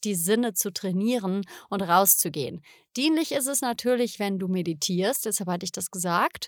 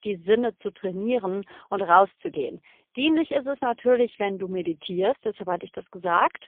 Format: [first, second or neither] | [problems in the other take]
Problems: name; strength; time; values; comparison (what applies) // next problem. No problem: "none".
first | phone-call audio; poor line; nothing above 3.5 kHz